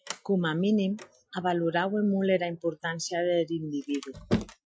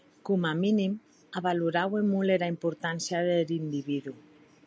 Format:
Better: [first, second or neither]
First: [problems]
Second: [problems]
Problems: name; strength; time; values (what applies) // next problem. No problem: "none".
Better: second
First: noise reduction (classical method Wiener filter)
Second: none